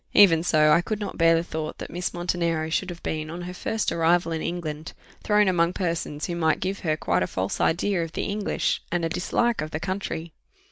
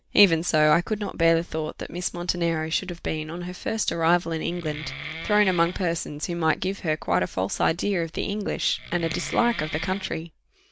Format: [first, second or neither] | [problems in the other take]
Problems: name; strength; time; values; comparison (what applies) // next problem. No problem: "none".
first | background sound (Wood); 11 dB below the speech